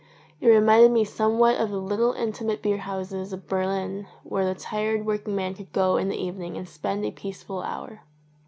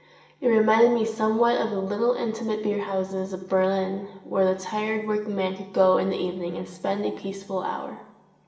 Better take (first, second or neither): first